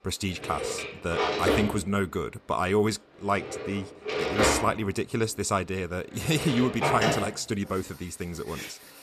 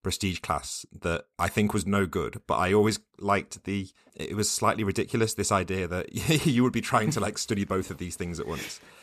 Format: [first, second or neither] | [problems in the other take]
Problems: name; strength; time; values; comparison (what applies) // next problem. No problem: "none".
second | household noises; loud; throughout; 1 dB below the speech